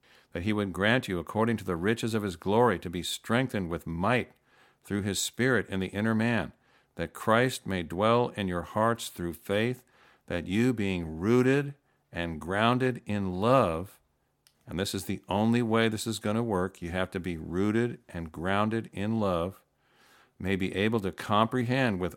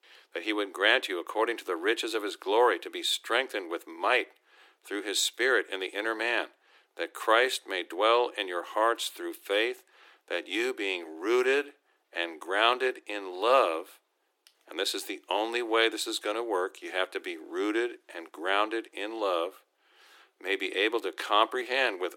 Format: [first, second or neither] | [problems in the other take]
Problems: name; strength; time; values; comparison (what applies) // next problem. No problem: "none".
first | thin; very; fading below 300 Hz